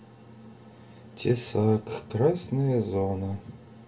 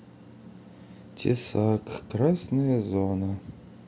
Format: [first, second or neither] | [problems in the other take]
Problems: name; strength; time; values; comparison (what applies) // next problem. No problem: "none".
second | room echo; dies away in 0.2 s